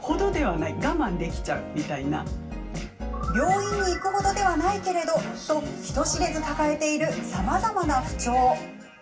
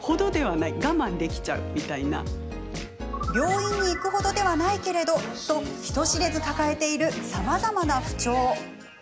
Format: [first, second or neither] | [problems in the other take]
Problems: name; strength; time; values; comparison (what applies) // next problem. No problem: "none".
second | room echo; dies away in 0.2 s